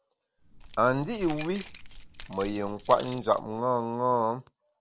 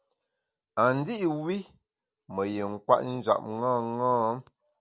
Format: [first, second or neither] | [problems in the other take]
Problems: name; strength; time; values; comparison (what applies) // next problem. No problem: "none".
second | background sound (Keys jangling); 15 dB below the speech